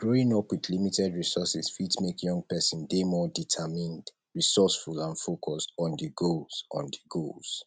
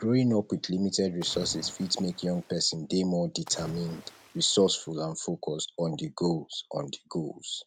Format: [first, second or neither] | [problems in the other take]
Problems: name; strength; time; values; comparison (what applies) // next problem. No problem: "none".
first | background sound (Splash, splatter); 20 dB below the speech